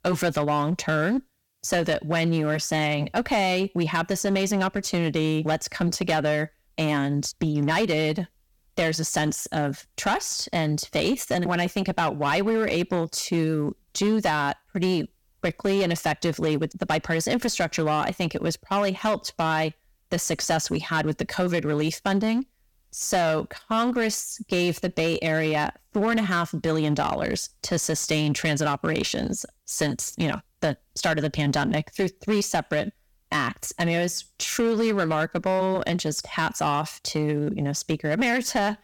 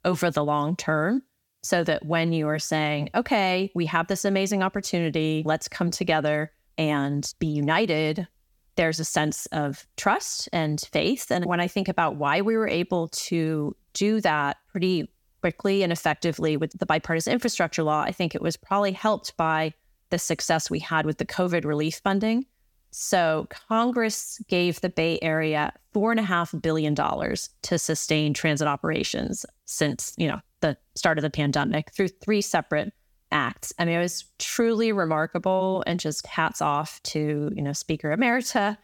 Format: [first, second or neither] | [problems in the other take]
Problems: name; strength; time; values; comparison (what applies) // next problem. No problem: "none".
second | distortion; slight; 11% of the sound clipped